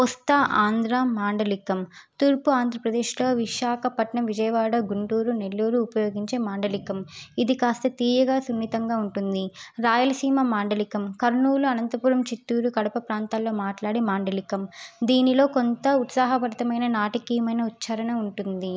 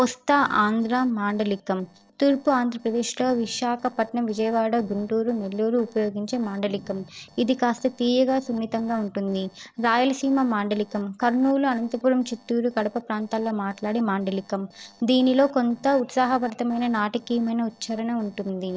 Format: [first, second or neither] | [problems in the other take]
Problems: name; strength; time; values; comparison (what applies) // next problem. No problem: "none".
first | noise reduction (neural separator model SepFormer DNS4)